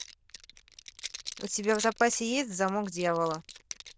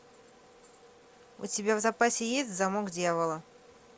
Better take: second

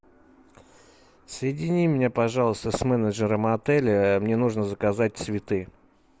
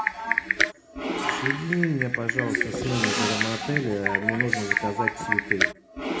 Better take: first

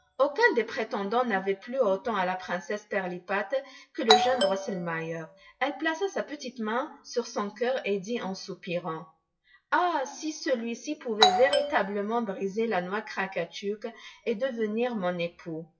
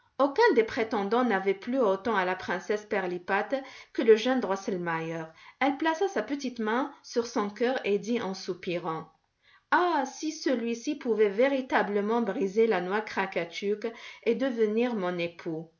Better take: second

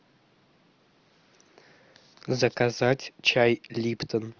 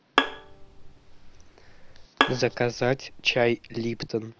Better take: first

